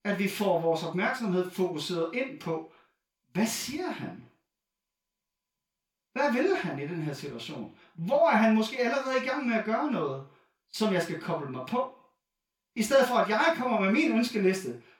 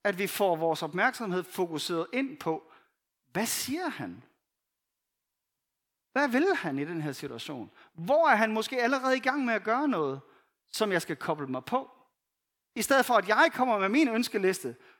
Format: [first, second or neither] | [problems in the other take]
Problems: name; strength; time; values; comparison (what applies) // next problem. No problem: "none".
second | room echo; slight; dies away in 0.3 s // off-mic speech; far